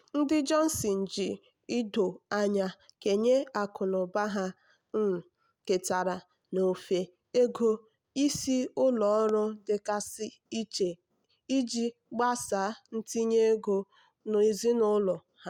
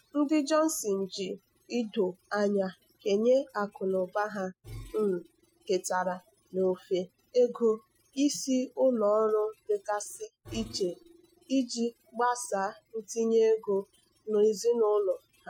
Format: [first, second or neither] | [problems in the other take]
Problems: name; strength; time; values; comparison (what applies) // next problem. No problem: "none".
first | noise reduction (classical method Wiener filter)